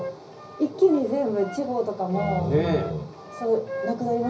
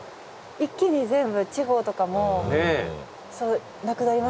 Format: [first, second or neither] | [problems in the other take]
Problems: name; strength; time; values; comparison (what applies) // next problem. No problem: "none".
second | background sound (Wind instrument, woodwind instrument); 13 dB below the speech // room echo; dies away in 0.5 s